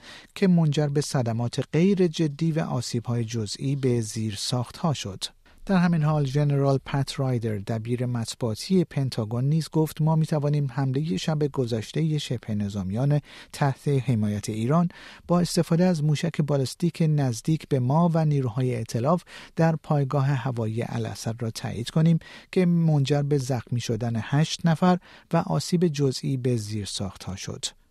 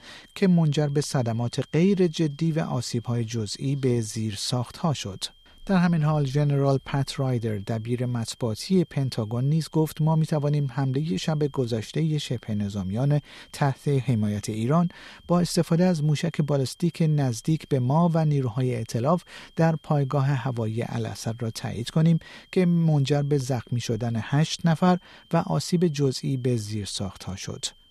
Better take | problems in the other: first | high-pitched whine; faint; throughout; 3 kHz, 30 dB below the speech

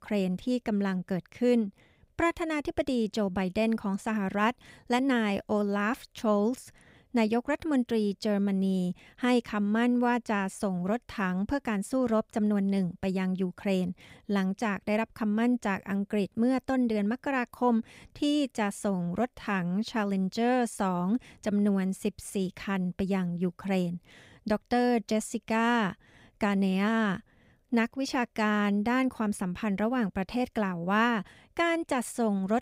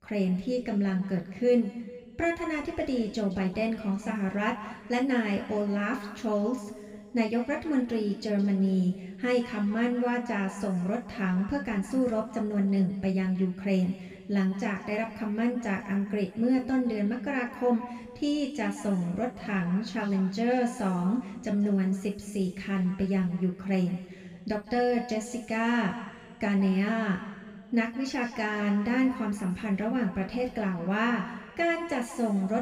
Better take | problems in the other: first | room echo; noticeable; dies away in 1.7 s // off-mic speech; somewhat distant

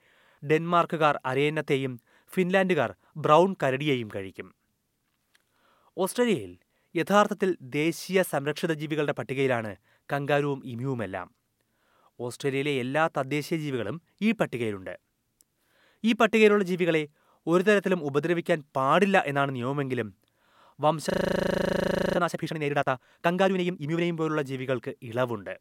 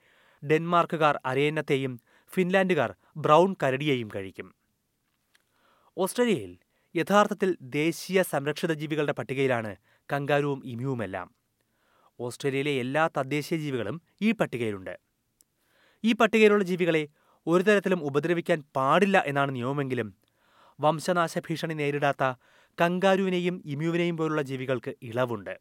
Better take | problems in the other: second | audio freezing; at 21 s for 1 s

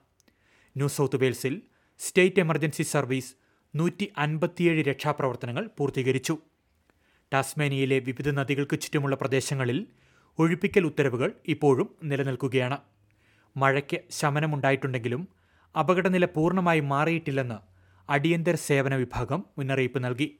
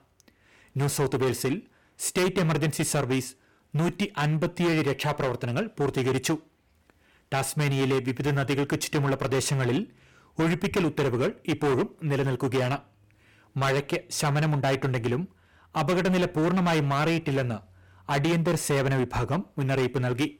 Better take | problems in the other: first | distortion; heavy; 15% of the sound clipped

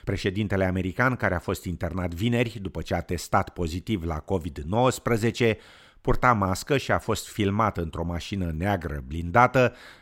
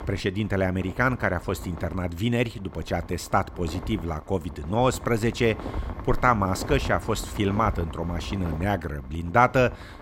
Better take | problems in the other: first | wind noise on the microphone; occasional gusts; 15 dB below the speech

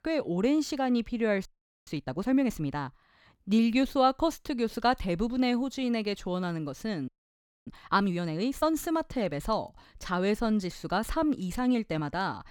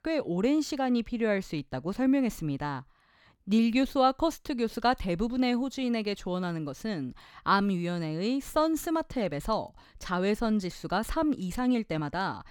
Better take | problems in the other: second | audio freezing; at 1.5 s and at 7 s for 0.5 s

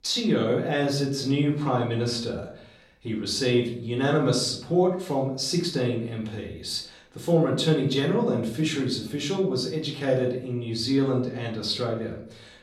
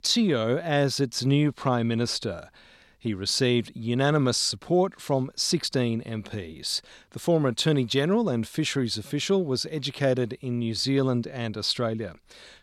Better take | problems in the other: second | off-mic speech; somewhat distant // room echo; slight; dies away in 0.5 s

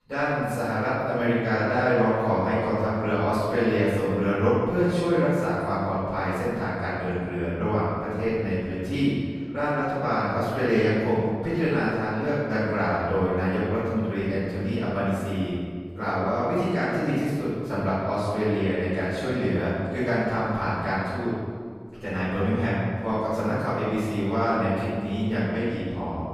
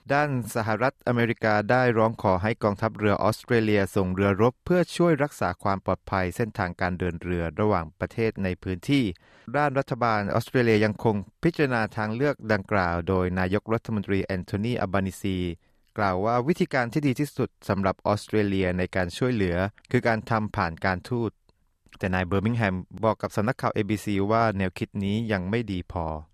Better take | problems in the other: second | off-mic speech; far // room echo; strong; dies away in 1.7 s

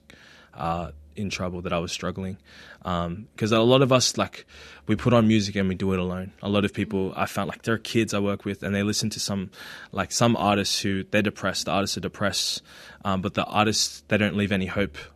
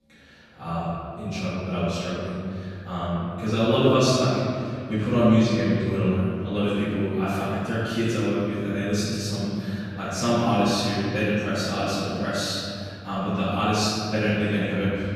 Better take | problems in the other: first | off-mic speech; far // room echo; strong; dies away in 2.5 s

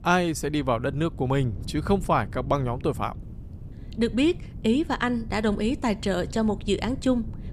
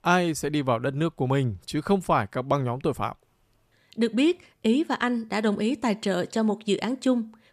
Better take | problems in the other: second | wind noise on the microphone; occasional gusts; 25 dB below the speech

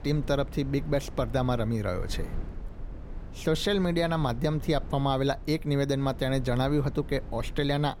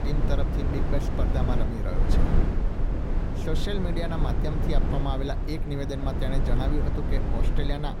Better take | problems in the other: first | low rumble; loud; throughout; 1 dB below the speech; faint in the first

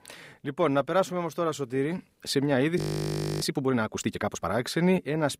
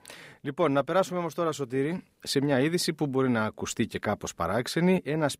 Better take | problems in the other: second | audio freezing; at 3 s for 0.5 s

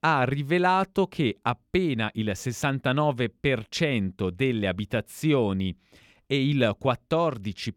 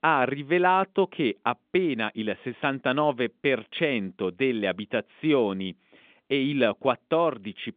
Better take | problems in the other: first | phone-call audio

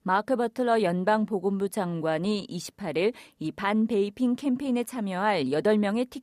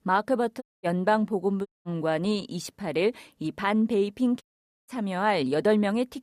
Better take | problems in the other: first | audio cutting out; at 0.5 s, at 1.5 s and at 4.5 s

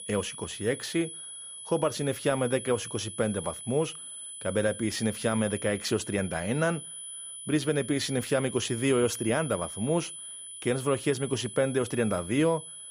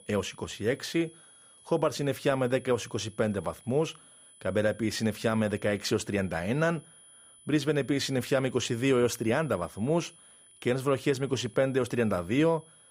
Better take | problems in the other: second | high-pitched whine; loud; throughout; 10 kHz, 10 dB below the speech; faint in the second

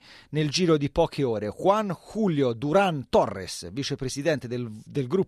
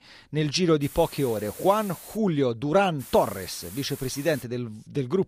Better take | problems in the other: first | hiss; noticeable; from 1 to 2 s and from 3 to 4.5 s; 15 dB below the speech

